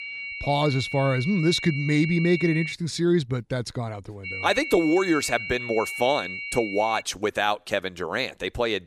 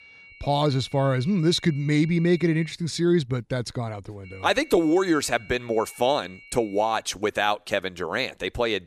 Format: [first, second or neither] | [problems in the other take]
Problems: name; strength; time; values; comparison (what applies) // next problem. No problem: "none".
second | high-pitched whine; loud; until 2.5 s and from 4.5 to 7 s; 2.5 kHz, 7 dB below the speech; faint in the second